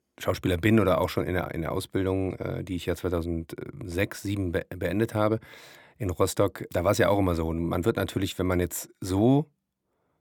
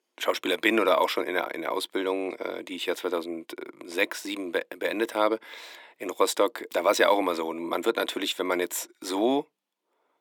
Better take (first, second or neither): first